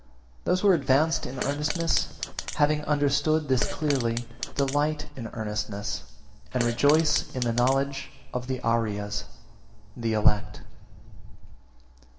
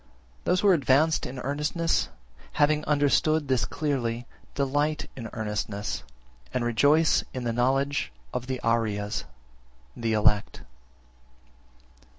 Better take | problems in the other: second | background sound (Fart); 10 dB below the speech // room echo; dies away in 2.3 s

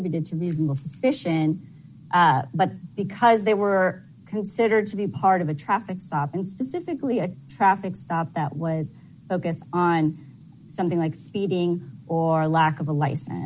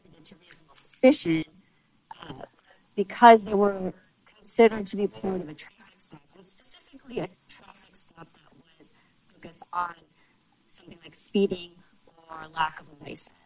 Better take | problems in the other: first | noise reduction (neural separator model SepFormer WHAM!)

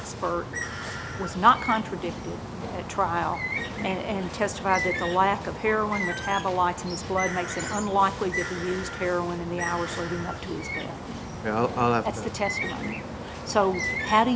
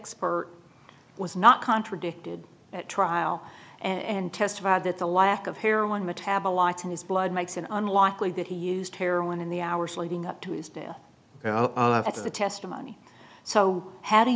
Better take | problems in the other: second | background sound (Bird); 6 dB below the speech

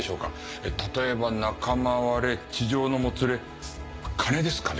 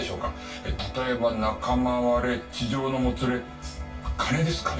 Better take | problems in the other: first | room echo; dies away in 0.2 s

